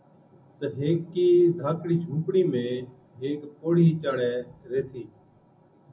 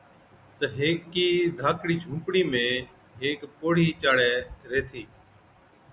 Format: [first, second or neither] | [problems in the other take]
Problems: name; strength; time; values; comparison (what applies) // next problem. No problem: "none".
second | room echo; dies away in 0.4 s